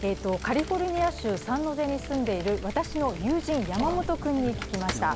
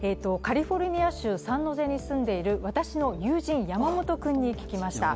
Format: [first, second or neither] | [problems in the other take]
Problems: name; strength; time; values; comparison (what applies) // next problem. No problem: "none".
second | background sound (Thunder / Rain + Computer keyboard); 11 dB below the speech